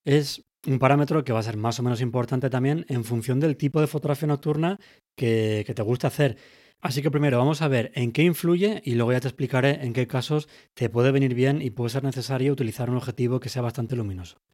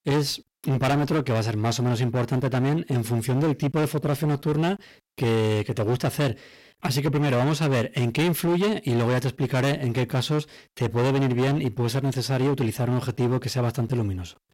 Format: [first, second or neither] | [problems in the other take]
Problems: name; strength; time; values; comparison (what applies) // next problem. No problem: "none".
first | distortion; heavy; 19% of the sound clipped